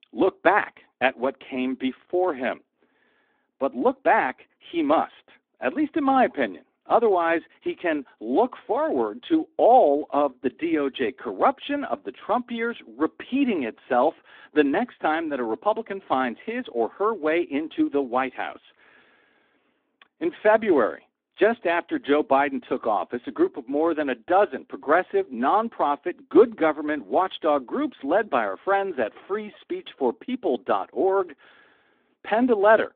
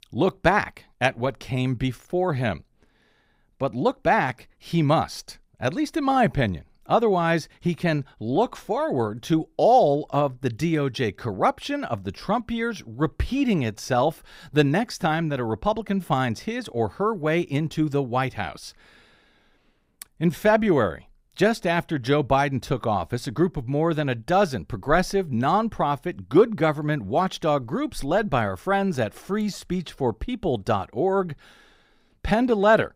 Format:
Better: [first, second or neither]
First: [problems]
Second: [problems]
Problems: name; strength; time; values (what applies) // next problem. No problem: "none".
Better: second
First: phone-call audio; nothing above 3.5 kHz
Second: none